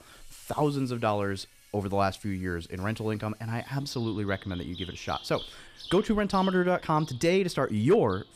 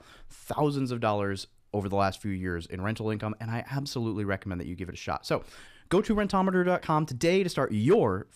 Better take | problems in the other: second | animal sounds; noticeable; throughout; 20 dB below the speech

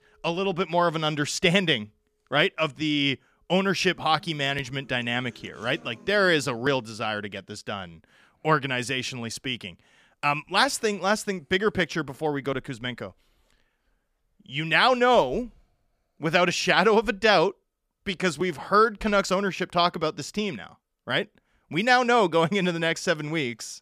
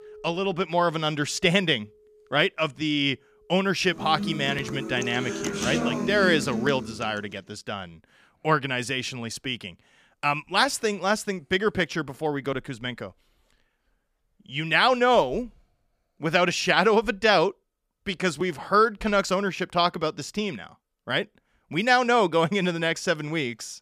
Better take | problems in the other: first | background music; loud; until 6.5 s; 6 dB below the speech; faint in the first

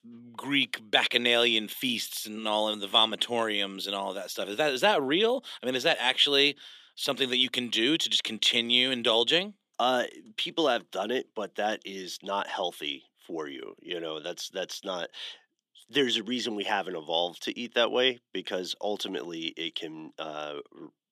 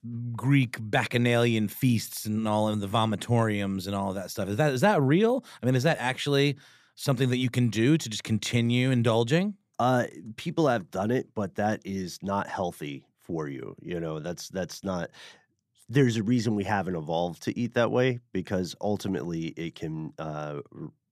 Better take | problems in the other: second | thin; somewhat; fading below 300 Hz

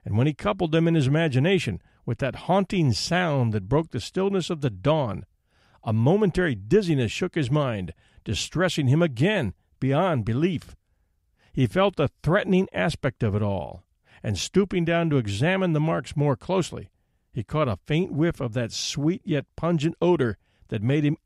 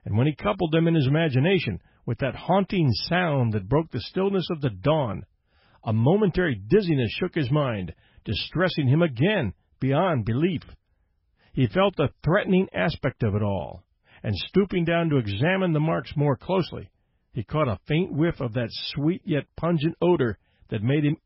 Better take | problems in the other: first | garbled, watery; badly; nothing above 5.5 kHz

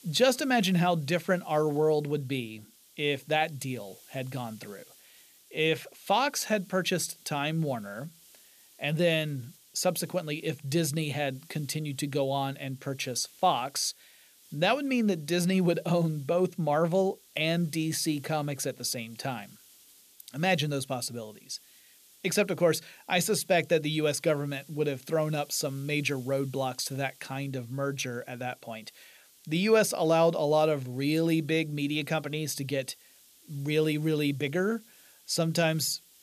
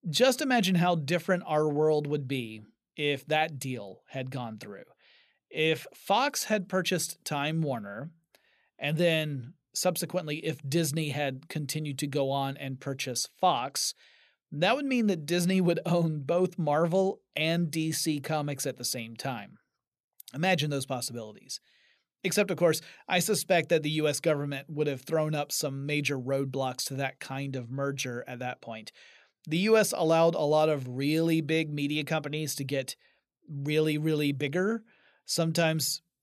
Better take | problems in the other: second | hiss; faint; throughout; 25 dB below the speech

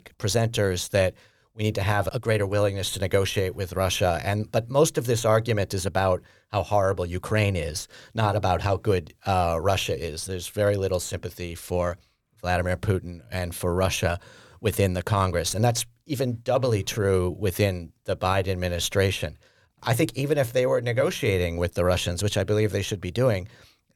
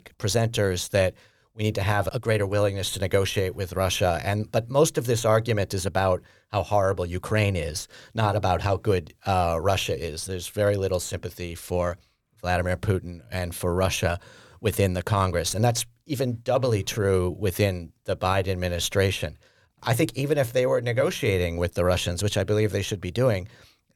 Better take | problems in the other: neither | none

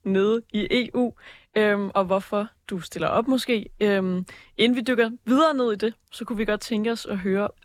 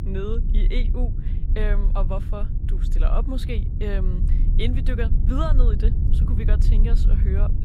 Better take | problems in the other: first | low rumble; loud; throughout; 7 dB below the speech

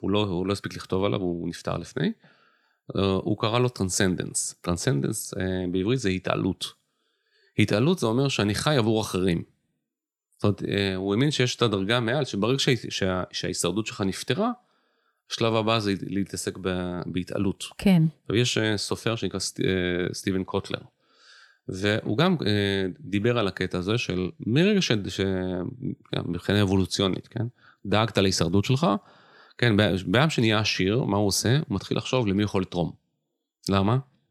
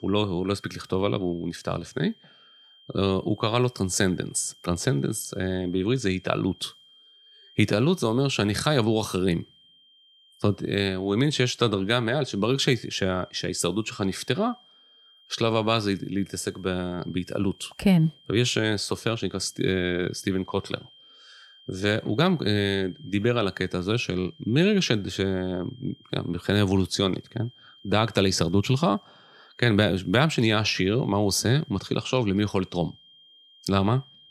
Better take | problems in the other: first | high-pitched whine; faint; throughout; 3 kHz, 25 dB below the speech

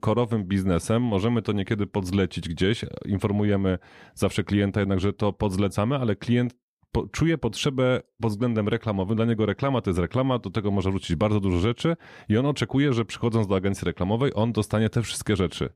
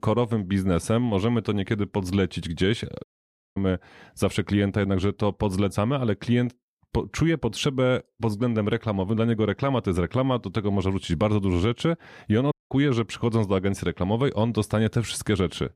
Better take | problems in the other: first | audio cutting out; at 3 s for 0.5 s and at 13 s

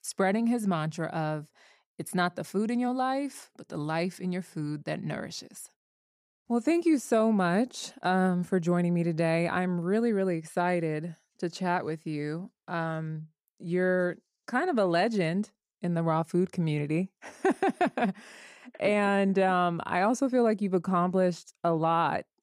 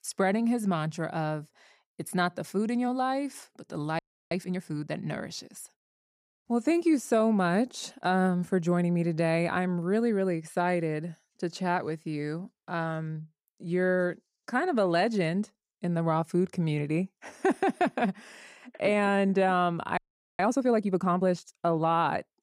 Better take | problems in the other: first | audio freezing; at 4 s and at 20 s

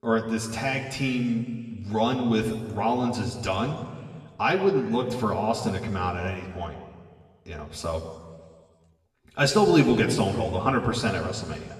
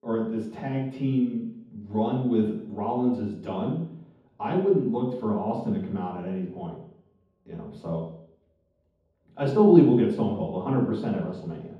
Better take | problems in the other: first | room echo; strong; dies away in 0.9 s; slight in the first // off-mic speech; far; somewhat distant in the first

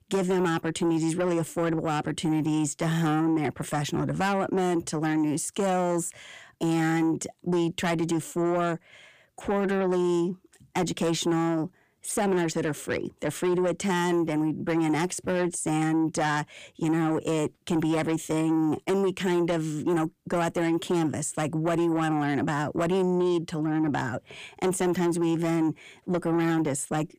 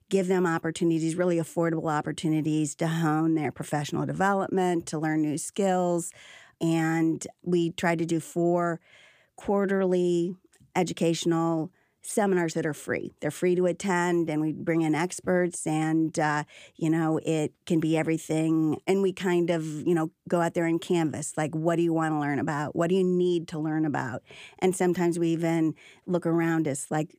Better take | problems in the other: second | distortion; slight; 10 dB below the speech

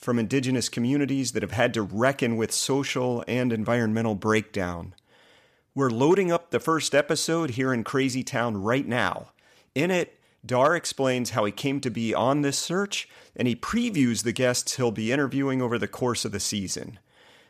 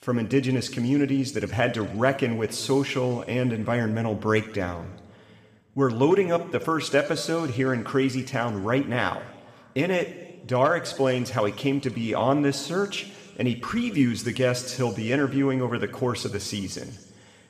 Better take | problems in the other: first | room echo; slight; dies away in 1.4 s

